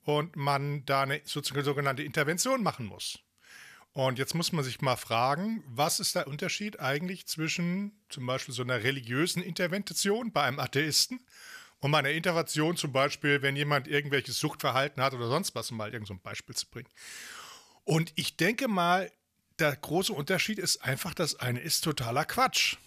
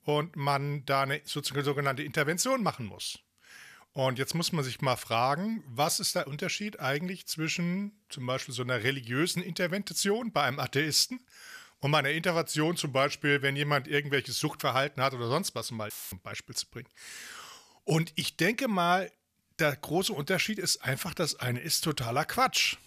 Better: first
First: none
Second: audio cutting out; filled with static; at 16 s

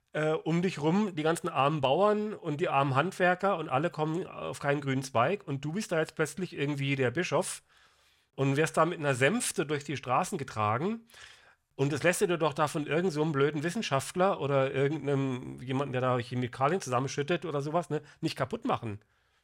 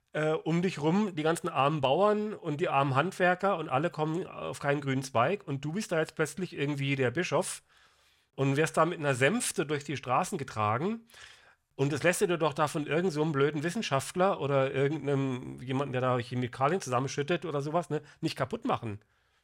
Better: neither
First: none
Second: none

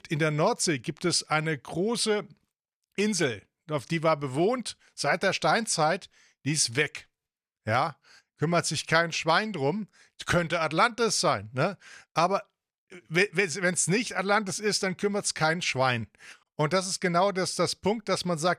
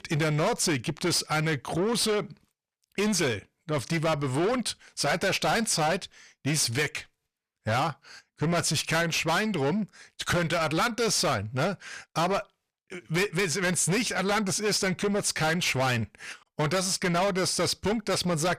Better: first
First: none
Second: distortion; heavy; 6 dB below the speech

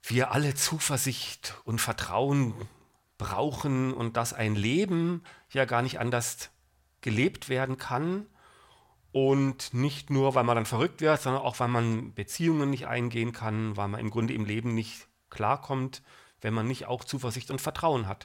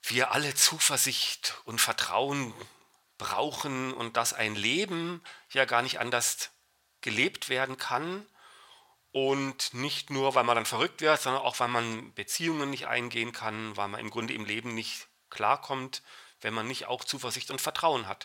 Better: first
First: none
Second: thin; somewhat; fading below 850 Hz

